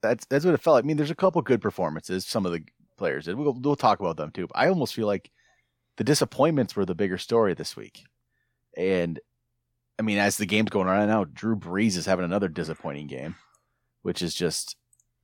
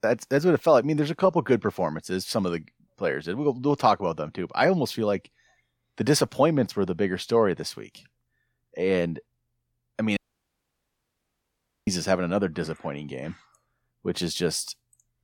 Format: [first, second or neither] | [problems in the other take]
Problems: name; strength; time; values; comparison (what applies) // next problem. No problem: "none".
first | audio cutting out; at 10 s for 1.5 s